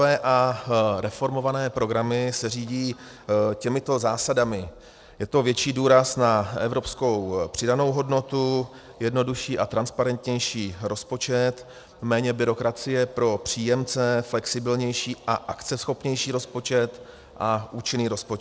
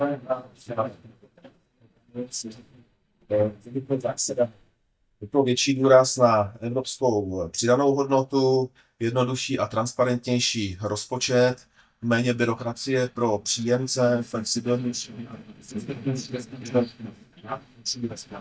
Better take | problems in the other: first | noise reduction (neural mask model DeepFilterNet 3)

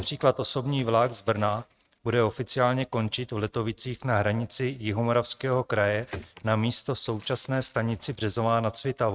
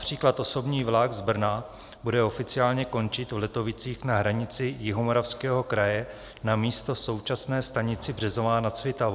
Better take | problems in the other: second | noise reduction (neural mask model RNNoise)

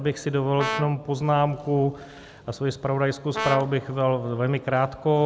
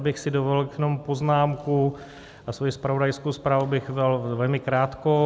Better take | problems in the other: second | background sound (Brass instrument); 8 dB below the speech

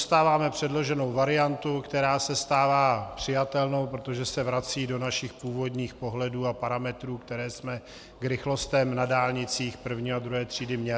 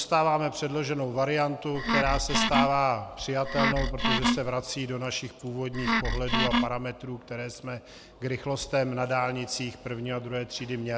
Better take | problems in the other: first | background sound (Wood); 2 dB above the speech

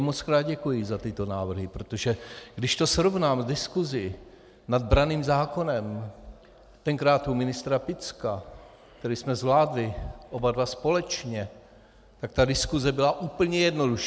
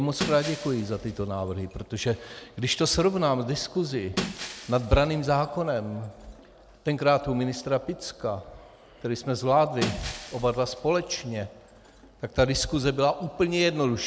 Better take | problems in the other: first | background sound (Shatter); 13 dB below the speech

